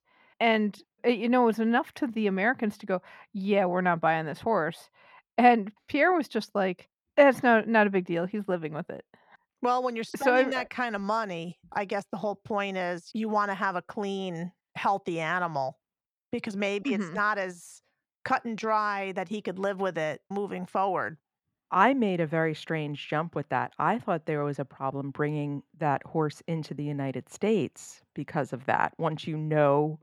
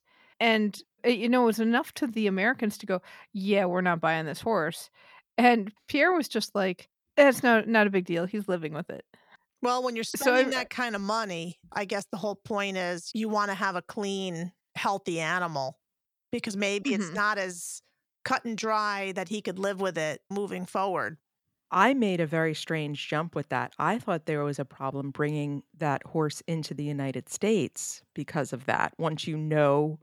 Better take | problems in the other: second | muffled; slightly; fading above 3.5 kHz

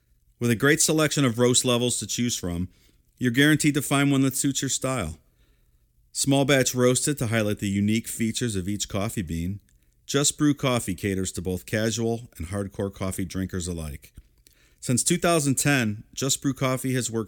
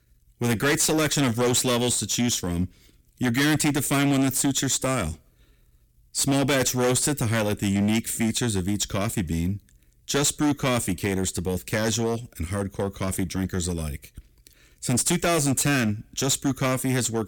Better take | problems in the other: first | distortion; heavy; 14% of the sound clipped

